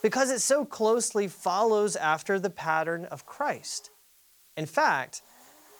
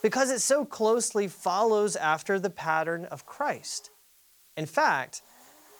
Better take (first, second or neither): neither